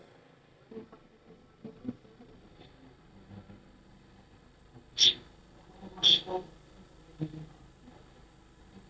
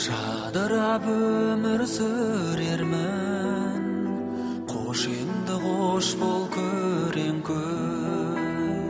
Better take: second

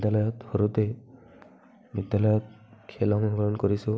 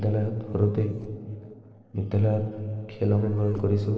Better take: first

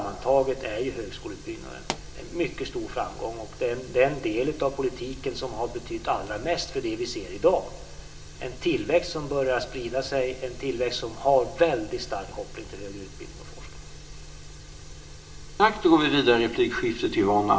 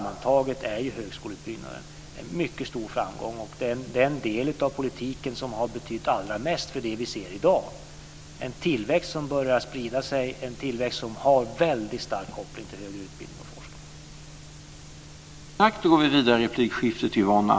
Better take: second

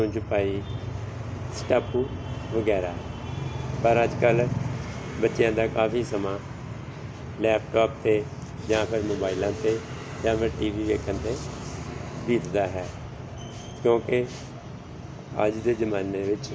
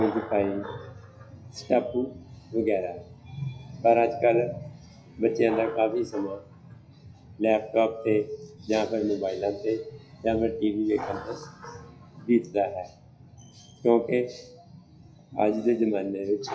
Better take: first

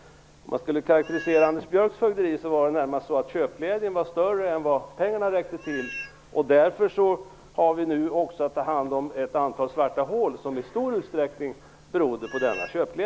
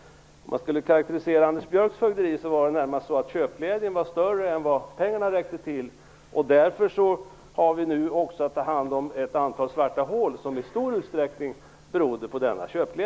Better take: second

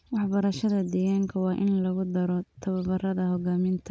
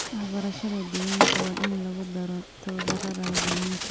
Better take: first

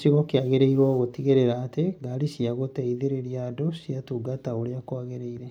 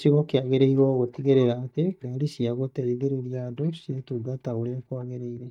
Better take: first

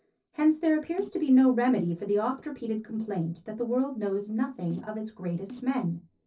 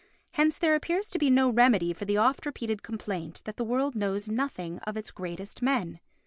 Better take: second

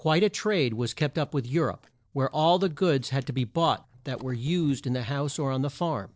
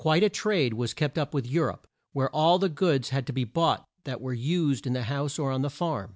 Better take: second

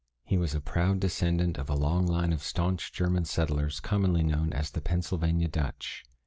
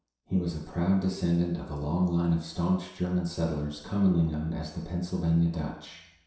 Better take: first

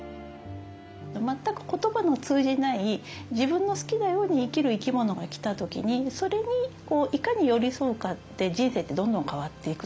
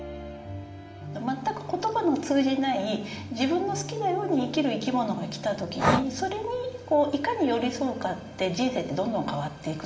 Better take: first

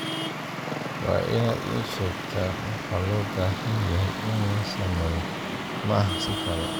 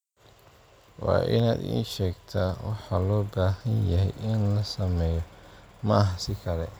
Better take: second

